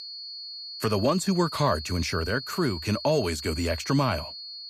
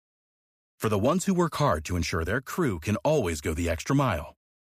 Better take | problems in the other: second | high-pitched whine; loud; throughout; 4.5 kHz, 9 dB below the speech

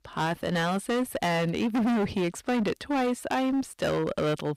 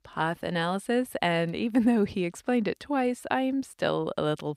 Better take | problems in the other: second | distortion; heavy; 22% of the sound clipped

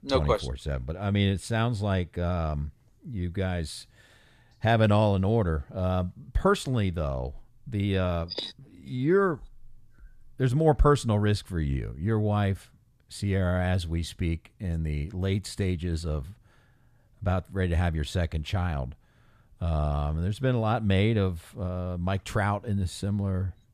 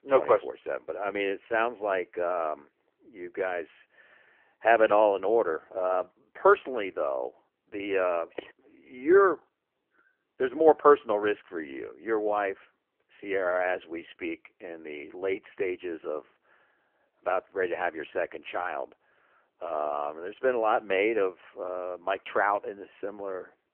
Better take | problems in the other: first | phone-call audio; poor line

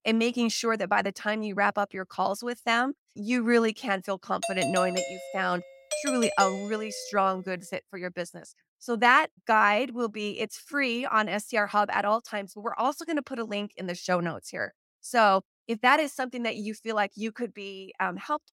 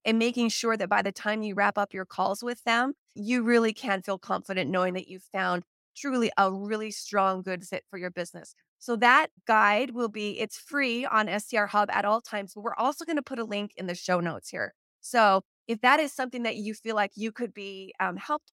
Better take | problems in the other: second | doorbell; noticeable; from 4.5 to 7 s; peak 2 dB below the speech

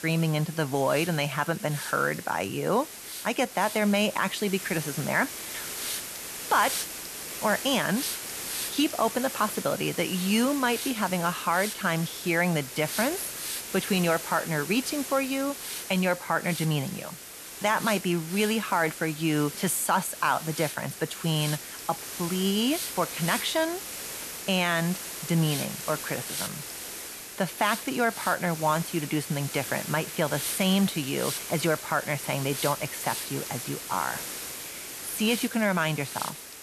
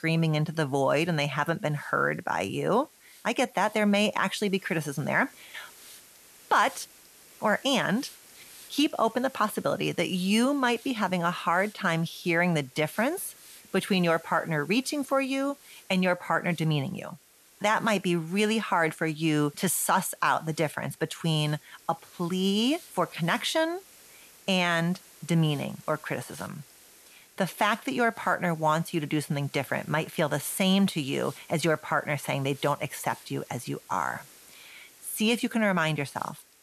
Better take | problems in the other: second | hiss; loud; throughout; 7 dB below the speech; faint in the second

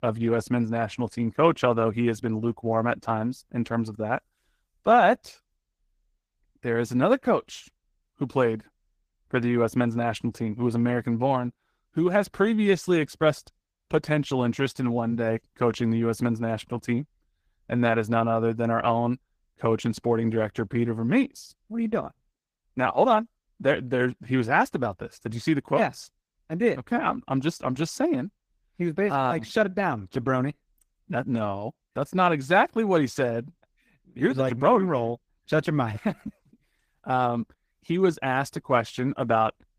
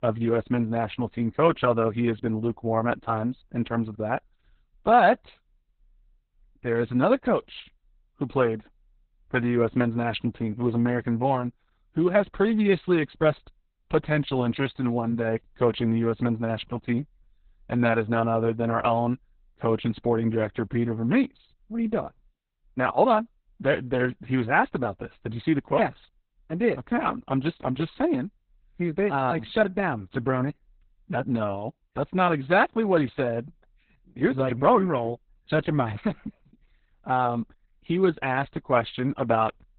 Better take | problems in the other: first | garbled, watery; badly; nothing above 4 kHz; slightly in the first

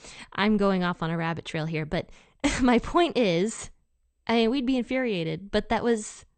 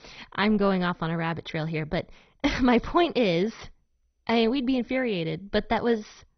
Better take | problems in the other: first | garbled, watery; badly; nothing above 6 kHz; slightly in the first

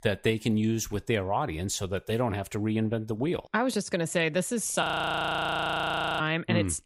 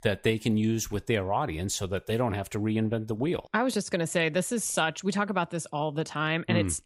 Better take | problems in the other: second | audio freezing; at 5 s for 1.5 s

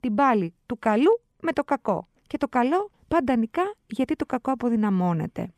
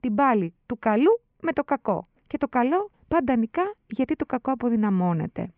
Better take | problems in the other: first | muffled; very; fading above 2.5 kHz

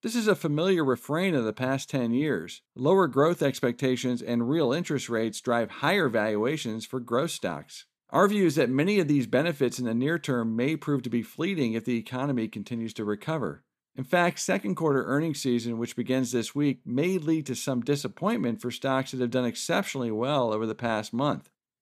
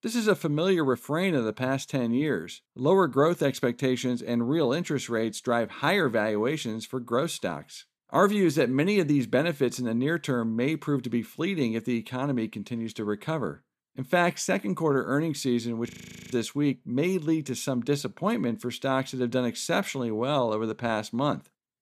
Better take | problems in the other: first | audio freezing; at 16 s

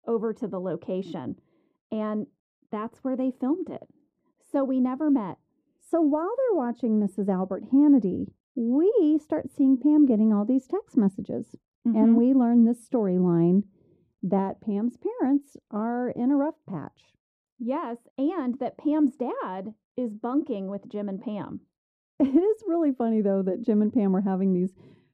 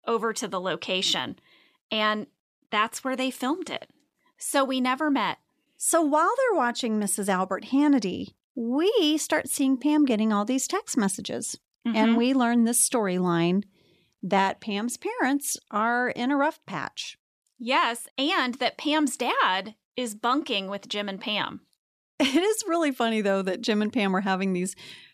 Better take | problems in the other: second | muffled; very; fading above 1 kHz

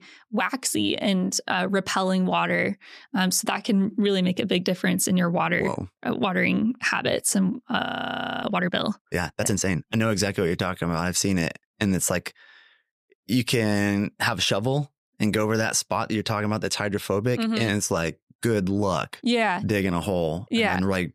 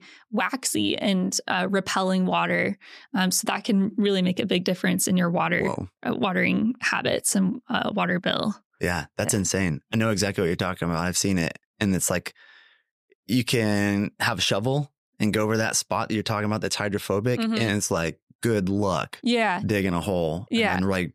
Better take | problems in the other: second | audio freezing; at 8 s for 0.5 s

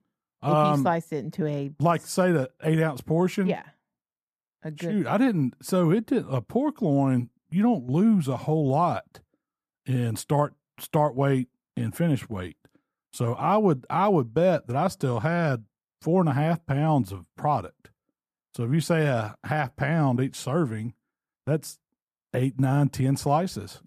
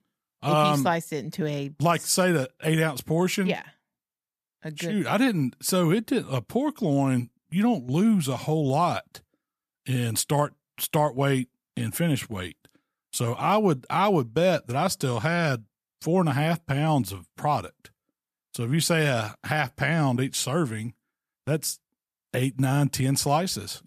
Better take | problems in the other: second | muffled; slightly; fading above 2 kHz

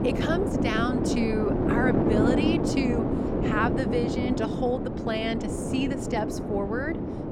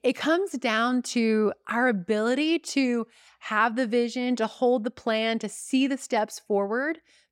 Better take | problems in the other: second | wind noise on the microphone; heavy; 1 dB below the speech

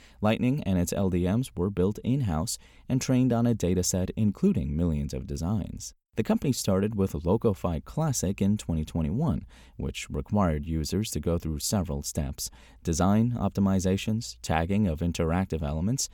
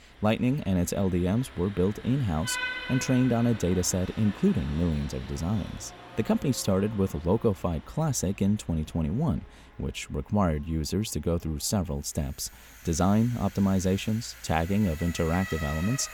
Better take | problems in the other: first | traffic noise; noticeable; throughout; 15 dB below the speech

